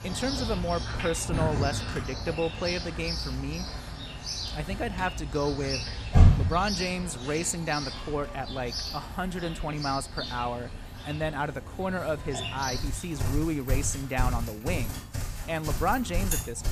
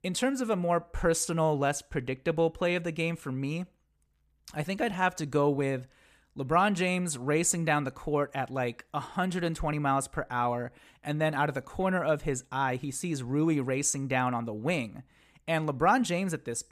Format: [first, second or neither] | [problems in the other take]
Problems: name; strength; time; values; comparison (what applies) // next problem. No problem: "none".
second | animal sounds; loud; throughout; as loud as the speech